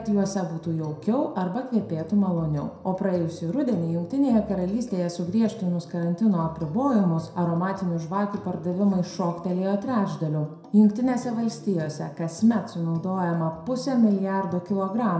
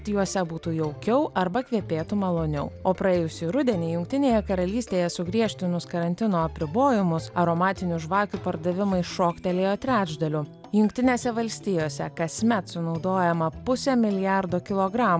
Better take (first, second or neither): second